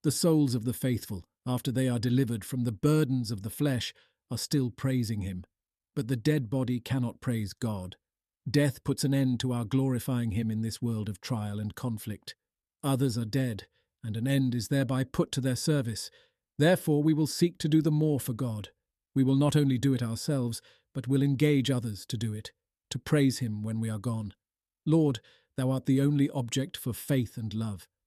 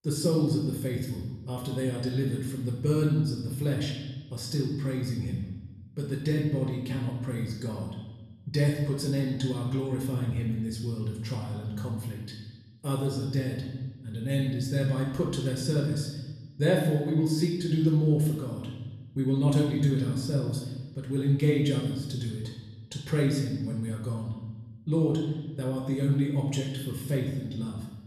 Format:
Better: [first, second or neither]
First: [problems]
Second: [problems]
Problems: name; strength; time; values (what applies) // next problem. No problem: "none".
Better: first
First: none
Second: off-mic speech; far // room echo; noticeable; dies away in 1.1 s